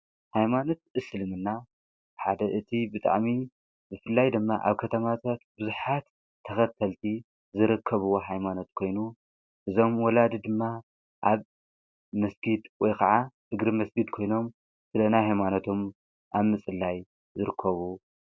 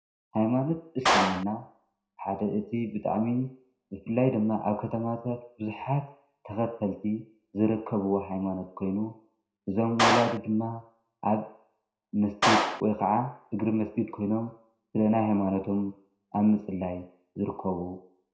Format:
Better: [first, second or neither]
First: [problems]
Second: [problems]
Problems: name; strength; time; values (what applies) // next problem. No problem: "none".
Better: first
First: none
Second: background sound (Clapping); 1 dB below the speech // room echo; dies away in 0.5 s